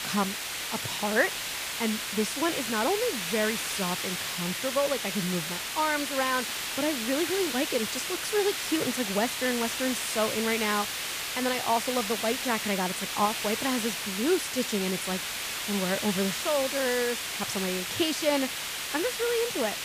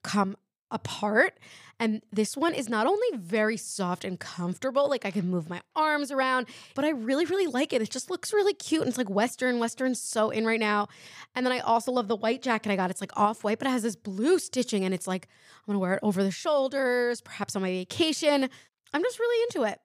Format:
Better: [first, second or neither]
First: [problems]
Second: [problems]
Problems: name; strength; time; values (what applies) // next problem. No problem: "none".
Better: second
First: hiss; loud; throughout; 1 dB below the speech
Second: none